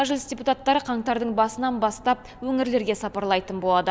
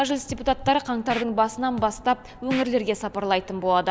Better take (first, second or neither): first